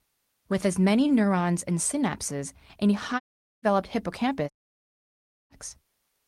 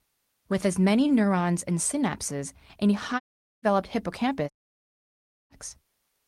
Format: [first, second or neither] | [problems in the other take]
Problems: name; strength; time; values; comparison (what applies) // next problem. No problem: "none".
neither | audio cutting out; at 3 s and at 4.5 s for 1 s; the same in both